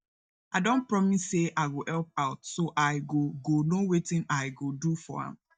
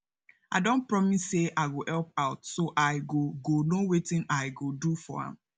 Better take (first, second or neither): second